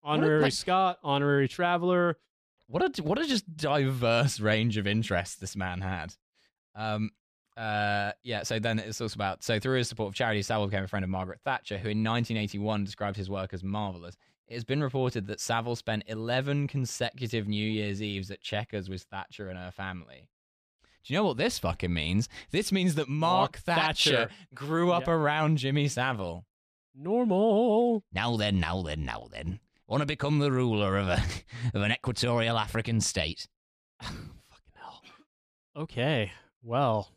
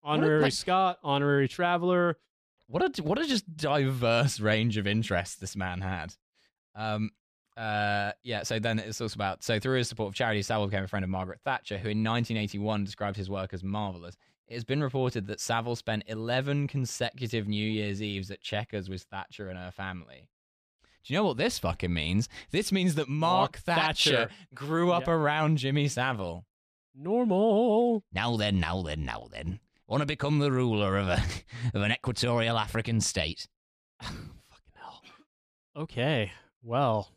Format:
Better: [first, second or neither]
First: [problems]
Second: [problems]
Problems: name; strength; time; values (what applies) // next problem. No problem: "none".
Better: neither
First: none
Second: none